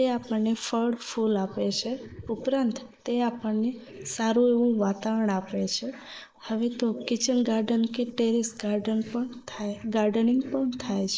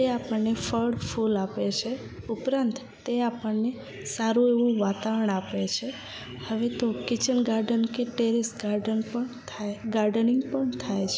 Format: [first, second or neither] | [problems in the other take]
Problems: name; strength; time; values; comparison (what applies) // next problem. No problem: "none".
second | noise reduction (neural mask model Resemble Enhance denoiser)